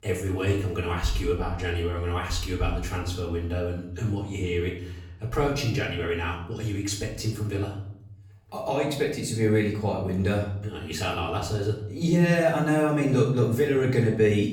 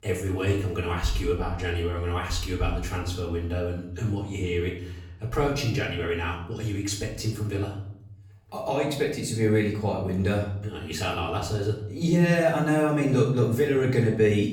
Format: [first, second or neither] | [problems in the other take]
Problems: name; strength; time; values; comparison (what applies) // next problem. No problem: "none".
neither | off-mic speech; far; the same in both // room echo; noticeable; dies away in 0.8 s; the same in both